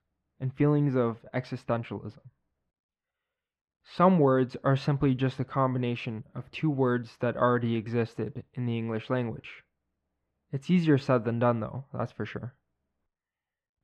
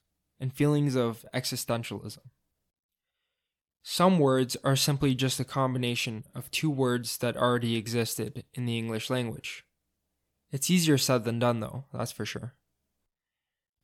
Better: second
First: muffled; very; fading above 1.5 kHz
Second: none

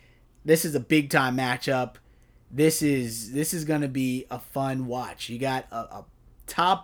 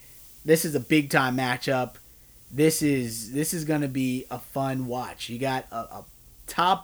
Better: first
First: none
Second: hiss; faint; throughout; 20 dB below the speech

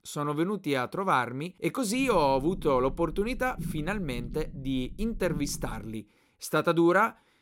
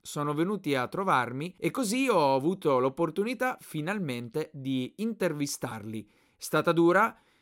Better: second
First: low rumble; faint; from 2 to 6 s; 20 dB below the speech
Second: none

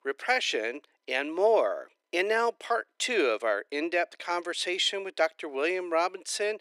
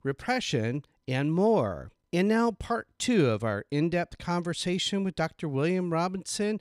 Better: second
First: thin; very; fading below 350 Hz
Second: none

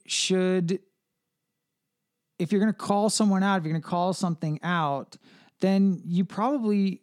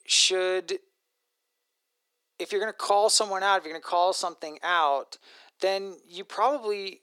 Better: first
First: none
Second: thin; very; fading below 400 Hz

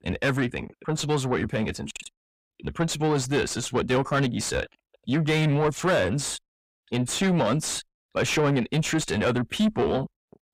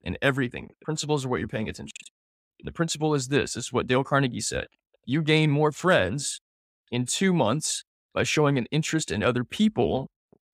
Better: second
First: distortion; heavy; 7 dB below the speech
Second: none

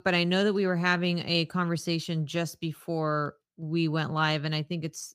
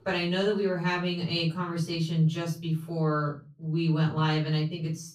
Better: first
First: none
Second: off-mic speech; far // room echo; slight; dies away in 0.3 s

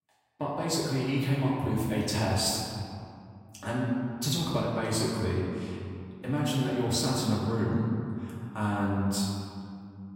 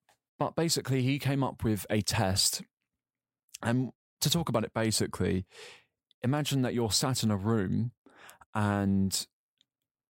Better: second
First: room echo; noticeable; dies away in 2.2 s // off-mic speech; far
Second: none

